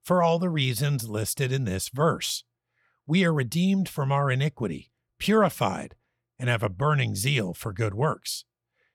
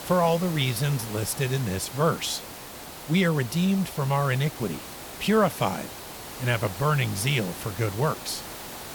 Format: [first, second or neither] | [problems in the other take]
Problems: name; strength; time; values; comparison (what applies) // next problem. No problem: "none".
first | hiss; noticeable; throughout; 10 dB below the speech